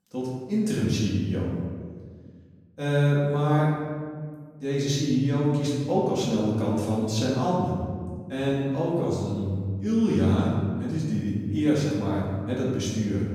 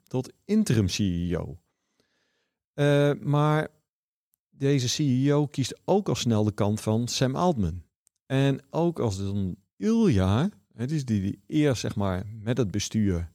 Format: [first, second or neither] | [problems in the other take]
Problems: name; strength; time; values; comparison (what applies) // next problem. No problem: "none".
second | off-mic speech; far // room echo; noticeable; dies away in 1.7 s